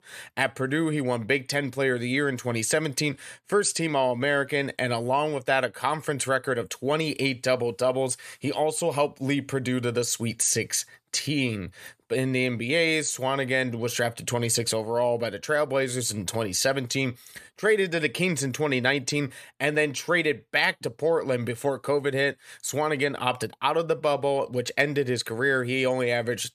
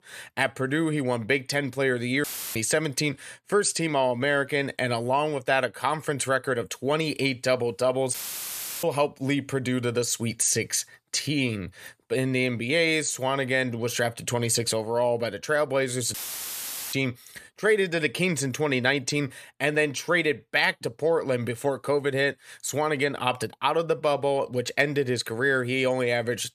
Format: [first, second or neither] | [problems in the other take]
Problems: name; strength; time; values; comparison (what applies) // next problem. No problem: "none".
first | audio cutting out; filled with static; at 2 s, at 8 s for 0.5 s and at 16 s for 1 s